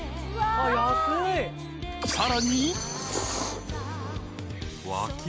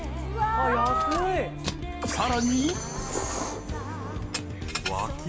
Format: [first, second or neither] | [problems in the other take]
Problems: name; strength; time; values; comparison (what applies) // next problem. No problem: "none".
first | background sound (Keys jangling); 12 dB below the speech // room echo; dies away in 0.8 s